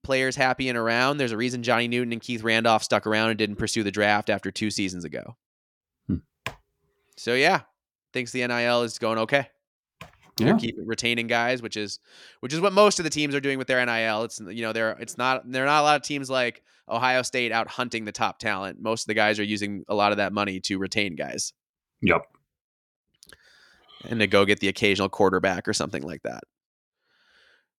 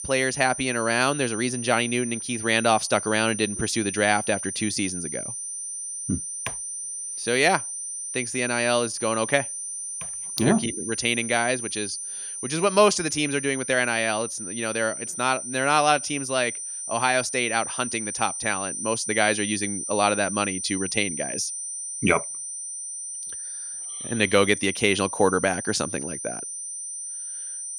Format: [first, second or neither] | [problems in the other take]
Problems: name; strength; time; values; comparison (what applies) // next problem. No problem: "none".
first | high-pitched whine; loud; throughout; 9 kHz, 6 dB below the speech